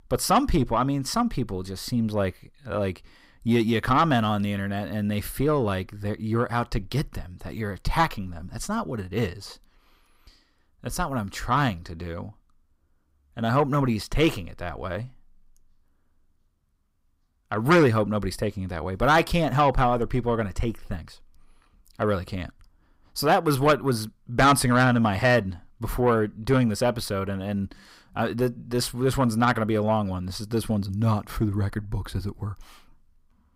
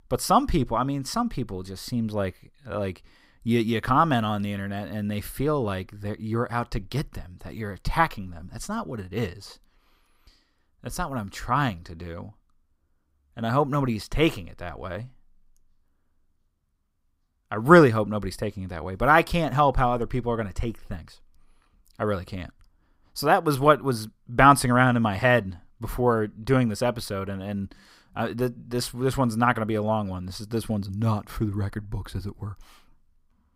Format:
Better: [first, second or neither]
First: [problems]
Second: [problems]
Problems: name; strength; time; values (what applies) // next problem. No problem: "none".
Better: second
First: distortion; slight; 10 dB below the speech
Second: none